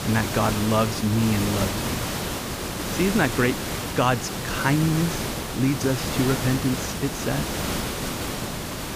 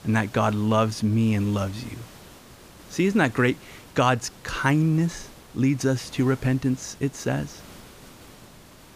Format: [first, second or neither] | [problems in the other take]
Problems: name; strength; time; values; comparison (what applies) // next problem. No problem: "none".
second | hiss; loud; throughout; 3 dB below the speech; faint in the second